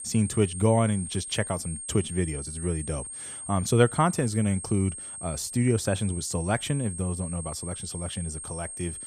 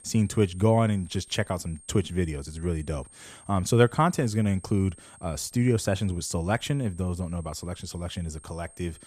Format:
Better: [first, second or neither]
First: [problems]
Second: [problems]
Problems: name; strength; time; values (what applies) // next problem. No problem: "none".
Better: second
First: high-pitched whine; loud; throughout; 8.5 kHz, 8 dB below the speech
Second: high-pitched whine; faint; throughout; 8.5 kHz, 25 dB below the speech